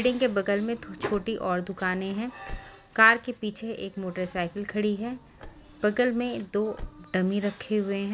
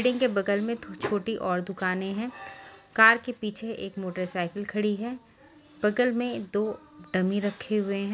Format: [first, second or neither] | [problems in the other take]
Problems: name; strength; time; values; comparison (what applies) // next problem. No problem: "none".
second | background sound (Car); 20 dB below the speech